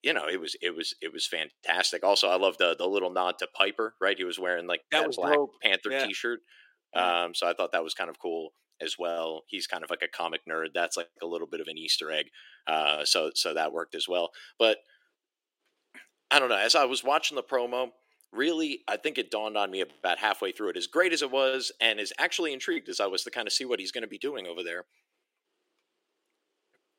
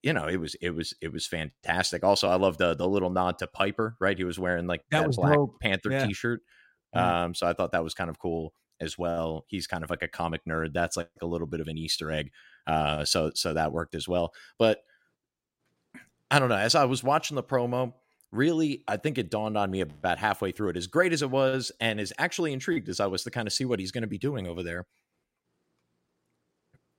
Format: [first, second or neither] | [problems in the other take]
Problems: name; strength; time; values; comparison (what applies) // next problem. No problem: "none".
second | thin; somewhat; fading below 350 Hz